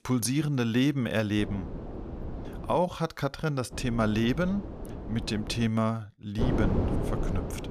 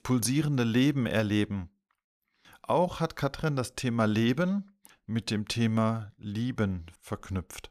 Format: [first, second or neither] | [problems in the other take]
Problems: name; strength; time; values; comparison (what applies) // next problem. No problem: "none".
second | wind noise on the microphone; heavy; from 1.5 to 3 s, from 3.5 to 5.5 s and from 6.5 s on; 8 dB below the speech